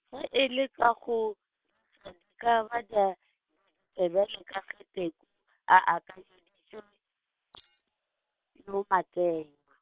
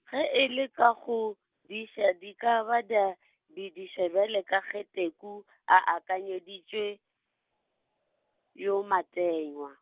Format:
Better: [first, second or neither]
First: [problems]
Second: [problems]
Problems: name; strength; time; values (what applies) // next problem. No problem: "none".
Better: second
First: noise reduction (neural separator model SepFormer WHAM!)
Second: none